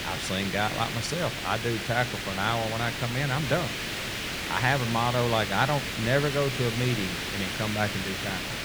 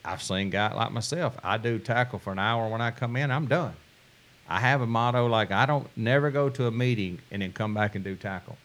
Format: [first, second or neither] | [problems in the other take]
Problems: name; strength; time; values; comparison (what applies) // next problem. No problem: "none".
second | hiss; loud; throughout; 3 dB below the speech; faint in the second